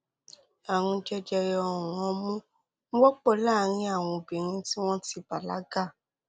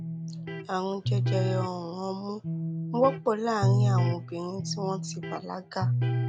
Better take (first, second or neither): first